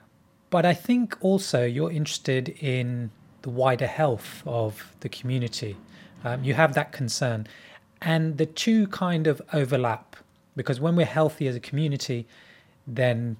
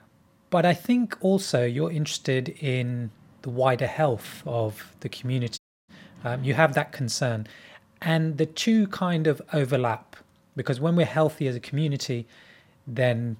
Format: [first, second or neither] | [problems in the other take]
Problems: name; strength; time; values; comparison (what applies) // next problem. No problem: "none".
first | audio cutting out; at 5.5 s